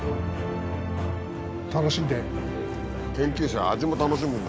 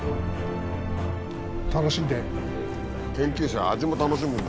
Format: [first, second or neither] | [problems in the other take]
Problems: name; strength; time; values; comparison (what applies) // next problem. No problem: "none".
first | background sound (Keys jangling); 11 dB below the speech